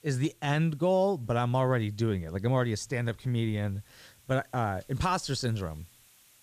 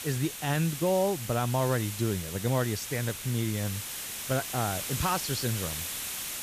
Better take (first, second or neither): first